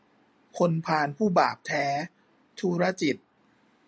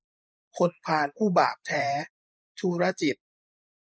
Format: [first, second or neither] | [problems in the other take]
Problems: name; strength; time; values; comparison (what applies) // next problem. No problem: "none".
first | noise reduction (neural mask model Resemble Enhance denoiser)